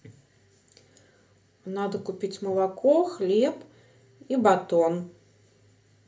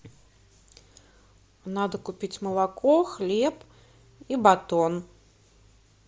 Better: second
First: room echo; dies away in 0.3 s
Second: none

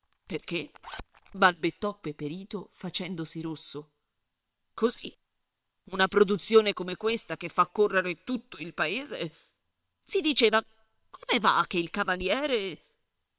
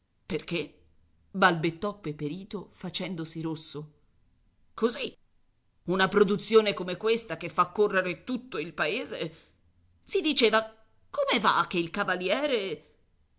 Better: second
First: noise reduction (neural separator model SepFormer WHAM!)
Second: none

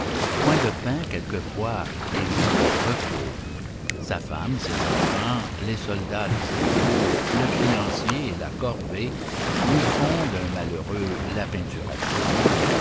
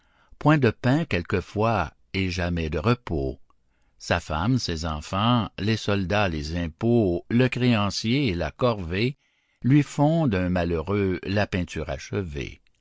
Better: second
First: background sound (Waves, surf); 4 dB above the speech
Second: none

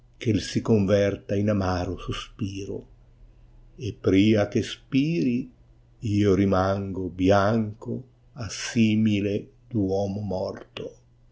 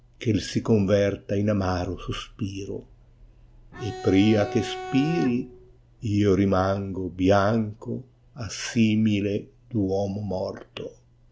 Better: first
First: none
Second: background sound (Bowed string instrument); 10 dB below the speech

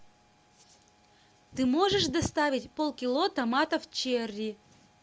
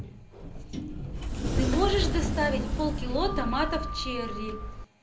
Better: first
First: none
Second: background sound (Sliding door); as loud as the speech // room echo; dies away in 0.5 s

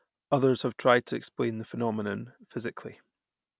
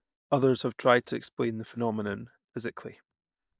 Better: first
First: none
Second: noise reduction (neural mask model DeepFilterNet 3)

